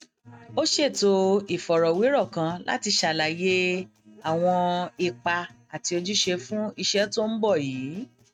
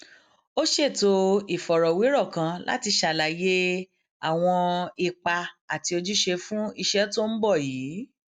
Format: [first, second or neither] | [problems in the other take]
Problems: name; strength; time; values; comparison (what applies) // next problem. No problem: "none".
second | noise reduction (neural mask model RNNoise)